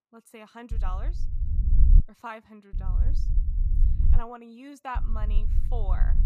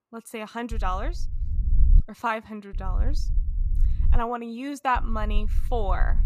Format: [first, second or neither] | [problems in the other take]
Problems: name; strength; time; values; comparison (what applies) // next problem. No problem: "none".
second | low rumble; loud; from 0.5 to 2 s, from 2.5 to 4 s and from 5 s on; 8 dB below the speech; faint in the second